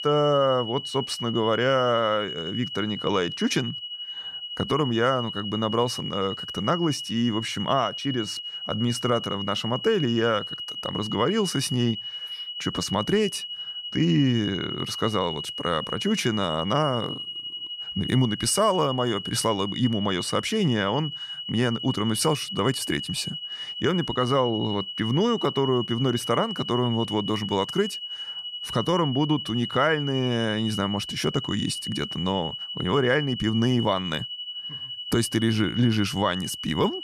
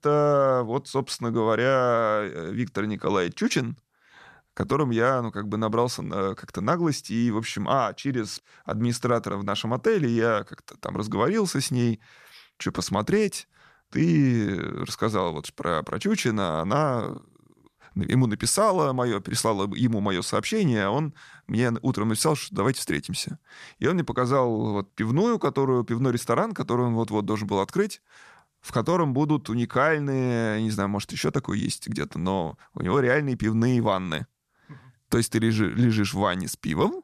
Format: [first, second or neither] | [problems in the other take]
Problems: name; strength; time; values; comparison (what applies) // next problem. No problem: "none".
second | high-pitched whine; loud; throughout; 3 kHz, 7 dB below the speech